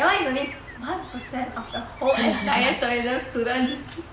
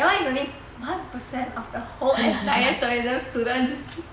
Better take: second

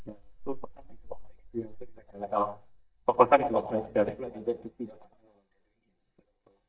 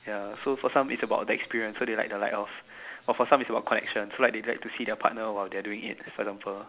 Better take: second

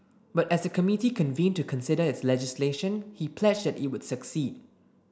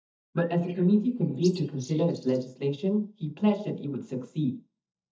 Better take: first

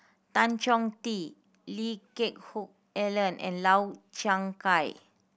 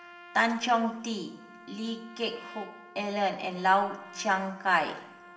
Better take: first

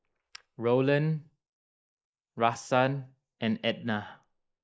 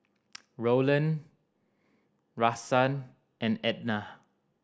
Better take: second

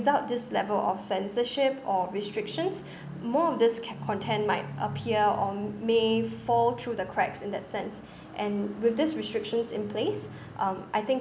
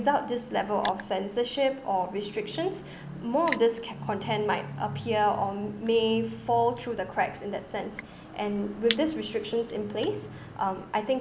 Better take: first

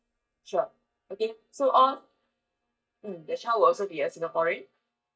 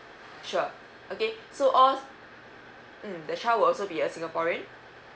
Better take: second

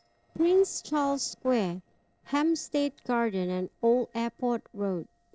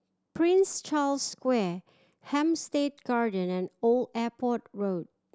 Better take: second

